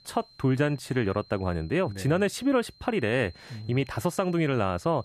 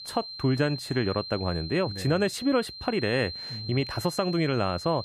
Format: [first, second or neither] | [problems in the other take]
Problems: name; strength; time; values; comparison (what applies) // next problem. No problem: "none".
first | high-pitched whine; loud; throughout; 4 kHz, 9 dB below the speech; faint in the first